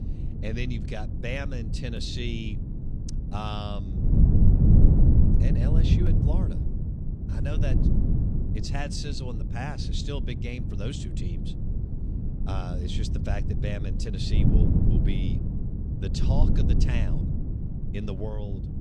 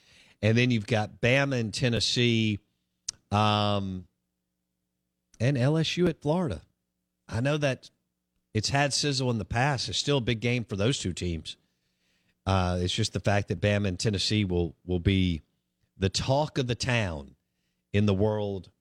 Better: second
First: wind noise on the microphone; heavy; 1 dB below the speech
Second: none

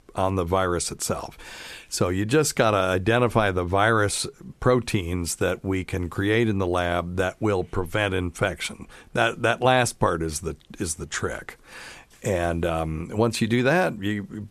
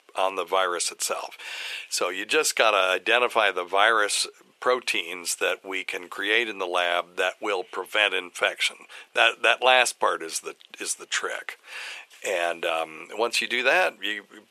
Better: first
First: none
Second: thin; very; fading below 500 Hz

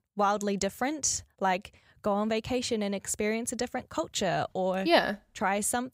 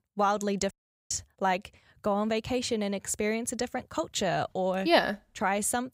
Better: first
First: none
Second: audio cutting out; at 0.5 s

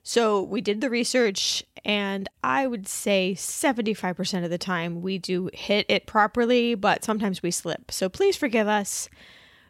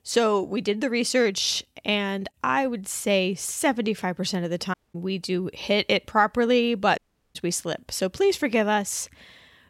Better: first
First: none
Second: audio cutting out; at 4.5 s and at 7 s

